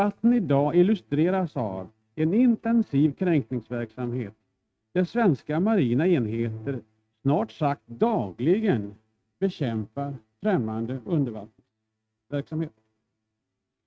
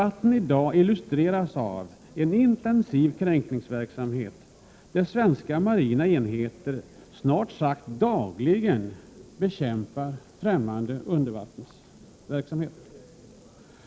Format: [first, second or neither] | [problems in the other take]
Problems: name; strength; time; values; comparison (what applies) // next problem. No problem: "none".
second | noise reduction (neural mask model RNNoise)